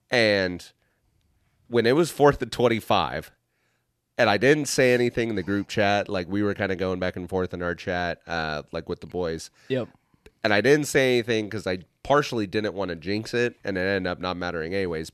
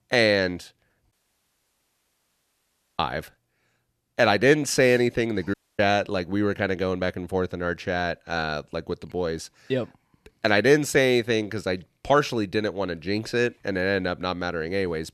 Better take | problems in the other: first | audio cutting out; at 1 s for 2 s and at 5.5 s

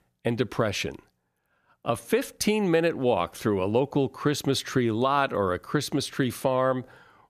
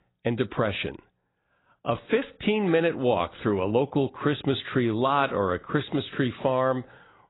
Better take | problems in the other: first | garbled, watery; badly; nothing above 4 kHz

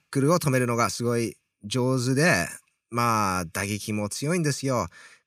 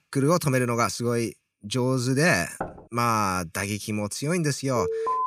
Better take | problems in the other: first | door banging; faint; at 2.5 s; peak 10 dB below the speech // alarm; noticeable; at 5 s; peak 2 dB below the speech

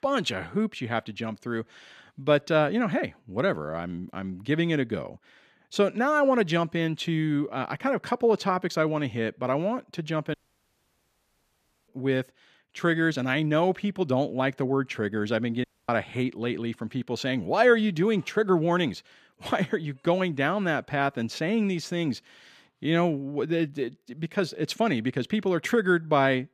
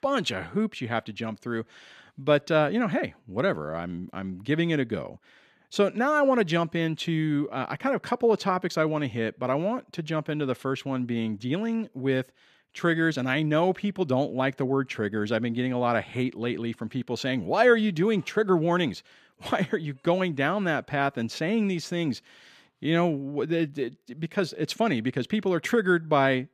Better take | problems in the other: second | audio cutting out; at 10 s for 1.5 s and at 16 s

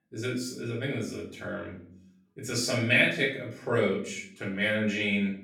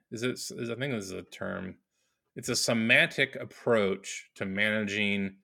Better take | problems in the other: second | off-mic speech; far // room echo; noticeable; dies away in 0.5 s

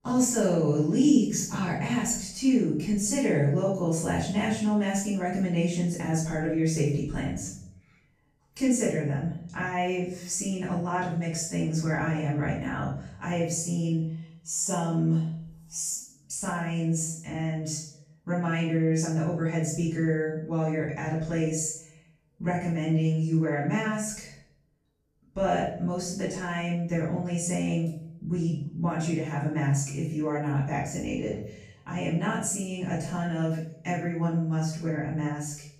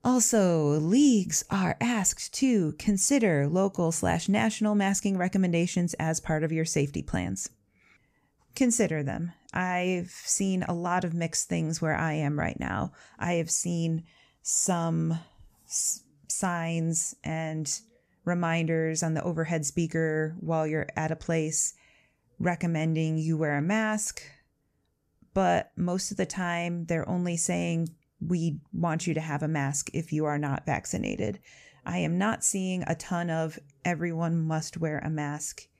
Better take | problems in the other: second | off-mic speech; far // room echo; noticeable; dies away in 0.6 s

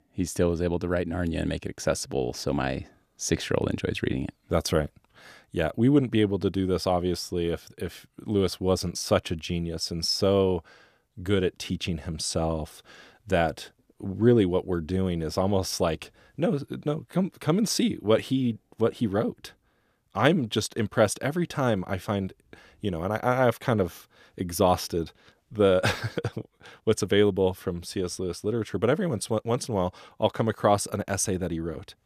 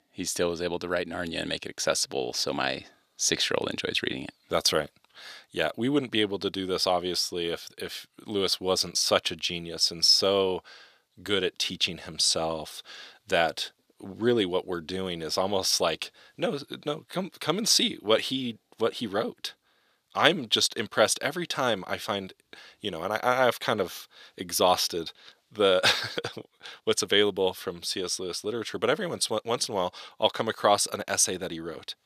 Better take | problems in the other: first | thin; somewhat; fading below 700 Hz

